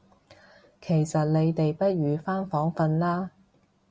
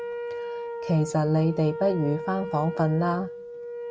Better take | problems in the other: first | background sound (Wind instrument, woodwind instrument); 8 dB below the speech

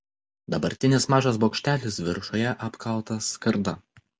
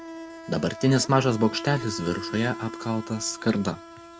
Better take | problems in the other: first | background sound (Insect); 12 dB below the speech

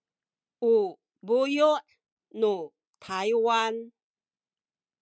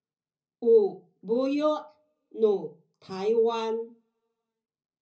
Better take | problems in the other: first | room echo; dies away in 0.4 s

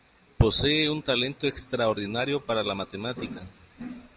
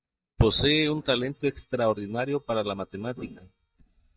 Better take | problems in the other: first | noise reduction (neural mask model DeepFilterNet 3)

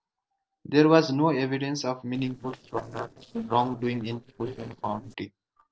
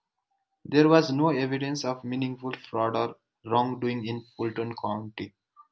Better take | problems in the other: second | noise reduction (neural separator model SepFormer DNS4)

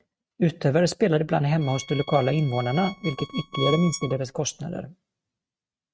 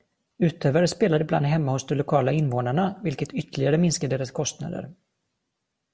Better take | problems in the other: second | noise reduction (neural mask model RNNoise)

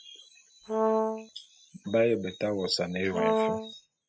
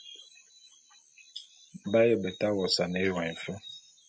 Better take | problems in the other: second | noise reduction (neural mask model RNNoise)

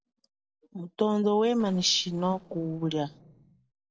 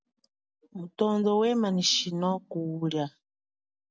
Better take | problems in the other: second | noise reduction (neural separator model SepFormer DNS4)

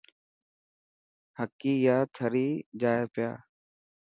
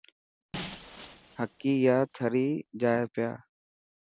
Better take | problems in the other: first | background sound (Shatter); 17 dB below the speech

